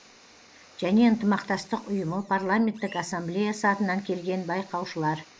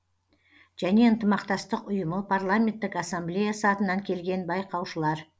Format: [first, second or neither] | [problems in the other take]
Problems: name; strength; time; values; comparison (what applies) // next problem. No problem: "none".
second | noise reduction (neural mask model Resemble Enhance denoiser)